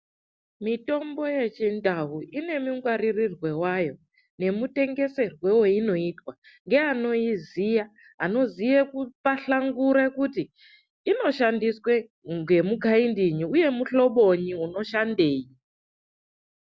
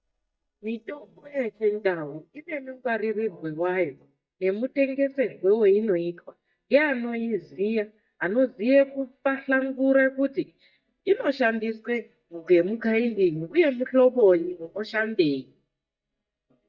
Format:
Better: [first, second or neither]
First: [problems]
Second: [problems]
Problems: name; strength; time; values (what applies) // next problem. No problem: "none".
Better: first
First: none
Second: noise reduction (neural mask model DeepFilterNet 3)